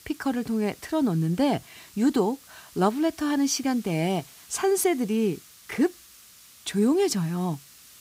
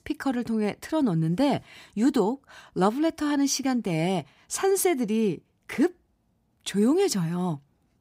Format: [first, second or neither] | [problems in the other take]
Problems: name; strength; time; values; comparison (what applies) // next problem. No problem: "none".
second | hiss; faint; throughout; 20 dB below the speech